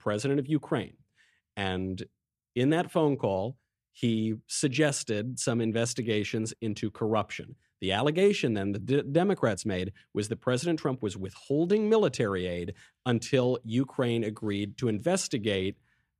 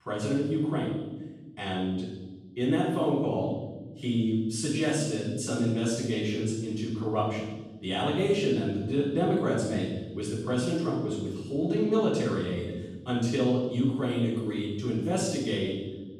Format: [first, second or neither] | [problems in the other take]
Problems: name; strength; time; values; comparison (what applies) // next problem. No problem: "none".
first | off-mic speech; far // room echo; noticeable; dies away in 1.1 s